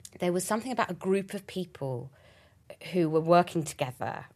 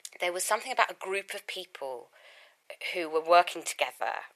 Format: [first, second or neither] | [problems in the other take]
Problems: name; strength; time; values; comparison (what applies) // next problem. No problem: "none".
first | thin; very; fading below 550 Hz